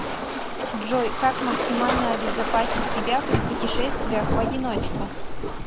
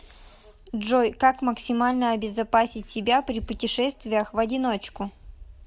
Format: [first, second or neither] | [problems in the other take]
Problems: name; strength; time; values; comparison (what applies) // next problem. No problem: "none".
second | background sound (Waves, surf); 2 dB above the speech